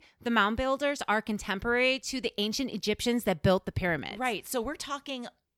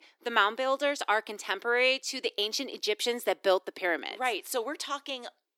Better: first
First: none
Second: thin; somewhat; fading below 300 Hz

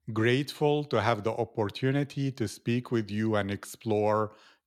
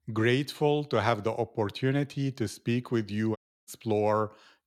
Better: first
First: none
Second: audio cutting out; at 3.5 s

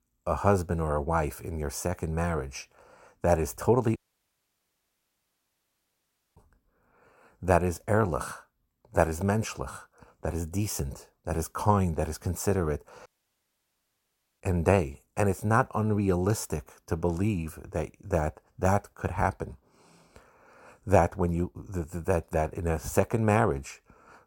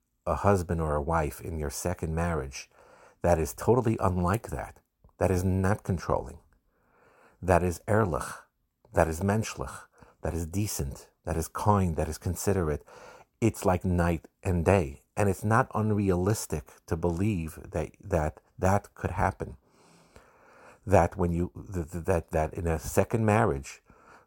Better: second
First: audio cutting out; at 4 s for 2.5 s and at 13 s for 1.5 s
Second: none

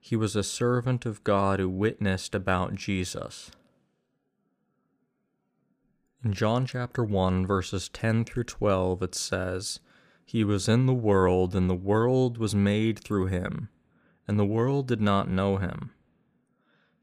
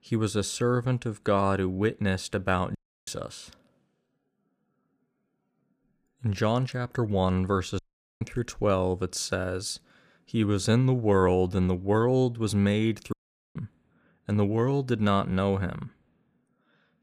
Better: first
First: none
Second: audio cutting out; at 3 s, at 8 s and at 13 s

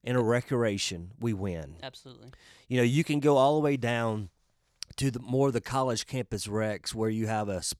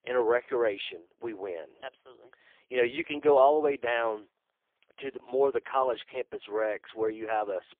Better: first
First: none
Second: phone-call audio; poor line; nothing above 3.5 kHz

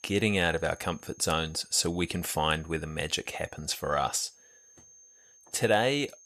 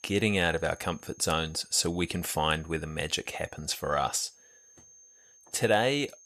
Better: neither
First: high-pitched whine; faint; throughout; 6.5 kHz, 25 dB below the speech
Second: high-pitched whine; faint; throughout; 6.5 kHz, 25 dB below the speech

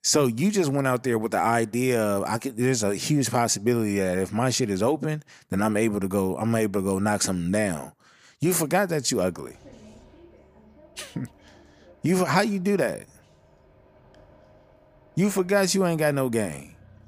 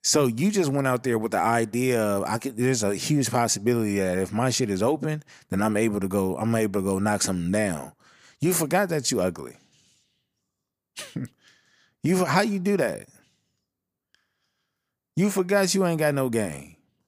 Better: second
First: traffic noise; faint; from 9 s on; 30 dB below the speech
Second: none

